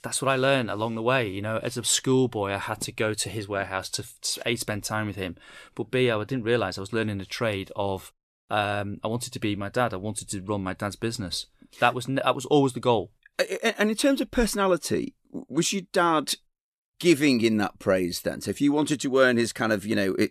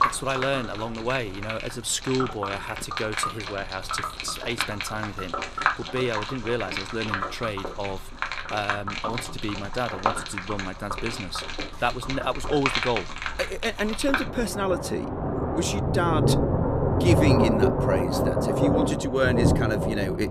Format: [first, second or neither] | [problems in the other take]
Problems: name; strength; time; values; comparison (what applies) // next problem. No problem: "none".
first | rain or running water; very loud; throughout; 1 dB above the speech